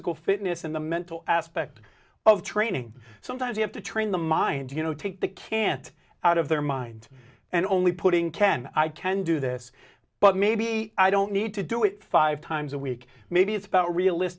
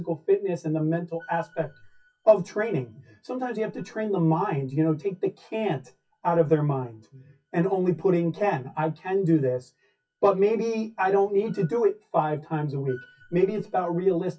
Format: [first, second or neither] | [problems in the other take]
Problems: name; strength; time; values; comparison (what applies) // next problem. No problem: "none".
first | noise reduction (classical method WPE with log-MMSE)